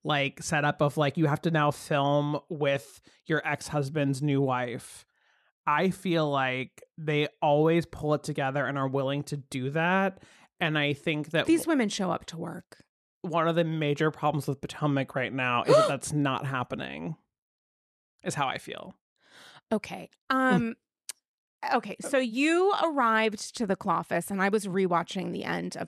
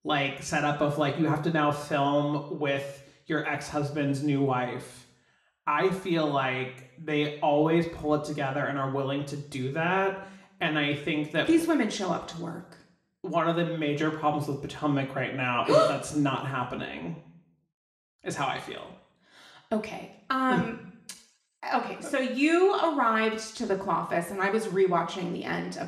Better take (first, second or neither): first